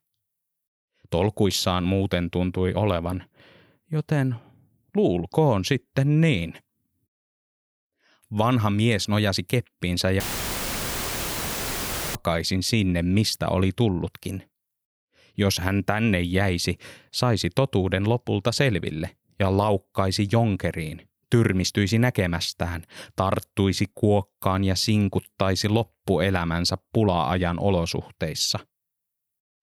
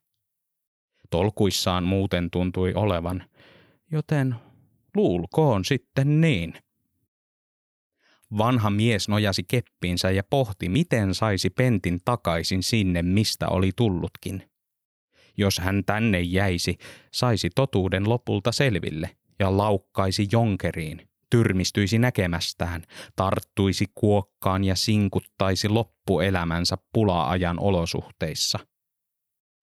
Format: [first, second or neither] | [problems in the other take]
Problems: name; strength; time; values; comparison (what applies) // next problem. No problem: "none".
second | audio cutting out; filled with static; at 10 s for 2 s